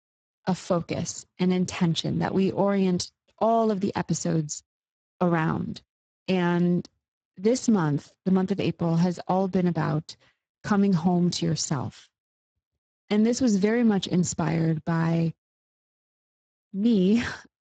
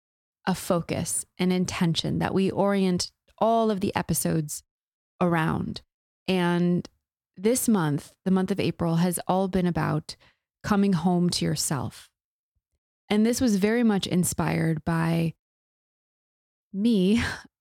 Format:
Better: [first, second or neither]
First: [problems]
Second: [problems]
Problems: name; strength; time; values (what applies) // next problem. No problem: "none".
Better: second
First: garbled, watery; badly; nothing above 7.5 kHz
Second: none